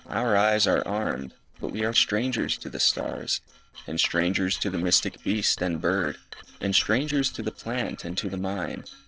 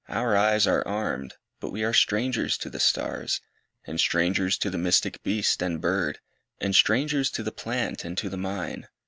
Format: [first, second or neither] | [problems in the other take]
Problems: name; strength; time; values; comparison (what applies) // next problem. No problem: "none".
second | noise reduction (neural separator model SepFormer DNS4)